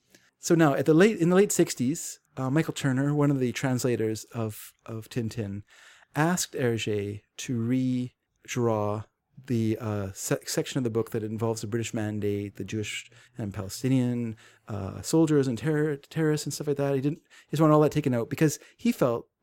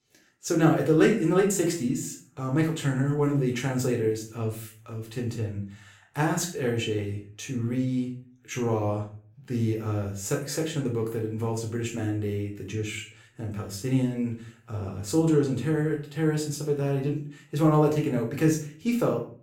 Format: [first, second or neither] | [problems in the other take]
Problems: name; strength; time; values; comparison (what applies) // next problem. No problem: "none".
first | room echo; slight; dies away in 0.4 s // off-mic speech; far